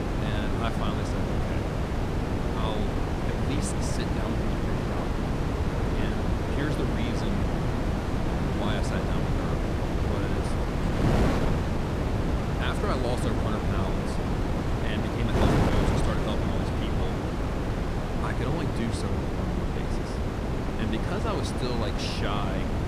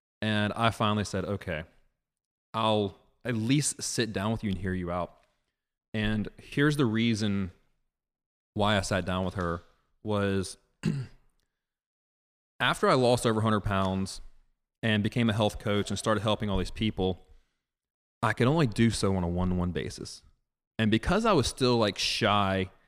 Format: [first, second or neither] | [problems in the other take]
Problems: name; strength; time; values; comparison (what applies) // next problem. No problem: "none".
second | wind noise on the microphone; heavy; 4 dB above the speech